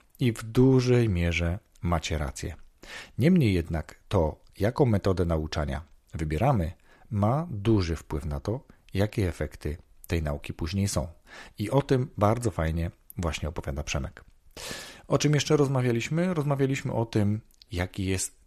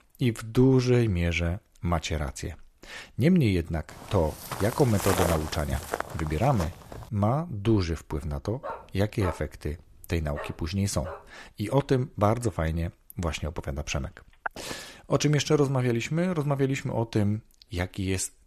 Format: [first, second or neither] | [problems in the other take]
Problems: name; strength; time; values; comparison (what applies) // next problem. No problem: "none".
first | footsteps; loud; from 4 to 7 s; peak level with the speech // dog barking; faint; from 8.5 to 11 s; peak 10 dB below the speech // phone ringing; noticeable; at 14 s; peak 10 dB below the speech